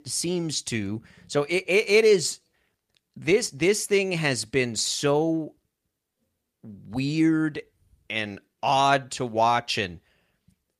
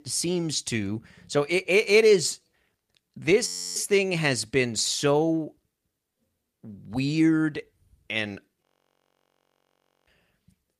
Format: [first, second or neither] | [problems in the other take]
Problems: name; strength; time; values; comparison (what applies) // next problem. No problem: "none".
first | audio freezing; at 3.5 s and at 8.5 s for 1.5 s